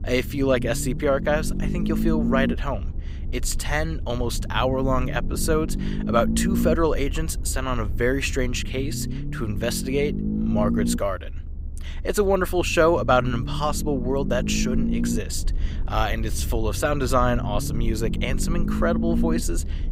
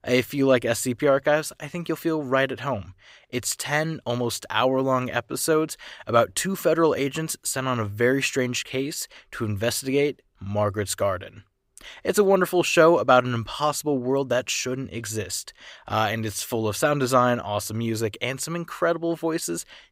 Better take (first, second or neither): second